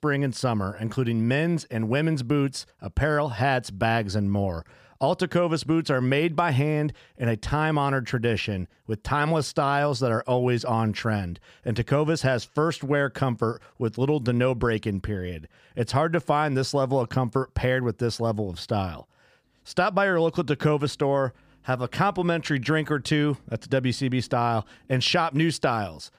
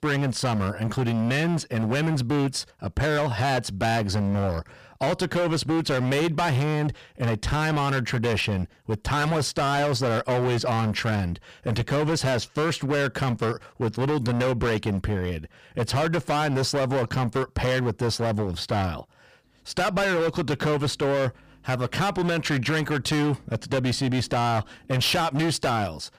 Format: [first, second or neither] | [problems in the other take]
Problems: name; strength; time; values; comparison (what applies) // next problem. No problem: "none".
first | distortion; heavy; 24% of the sound clipped